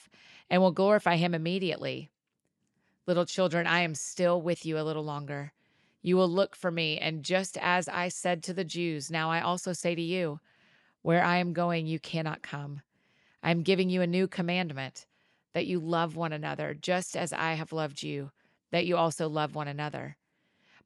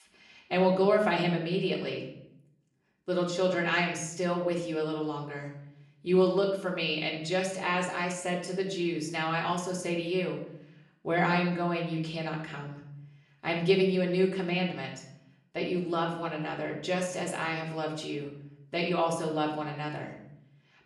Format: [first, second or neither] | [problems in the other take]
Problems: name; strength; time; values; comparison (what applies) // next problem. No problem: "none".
first | off-mic speech; far // room echo; slight; dies away in 0.6 s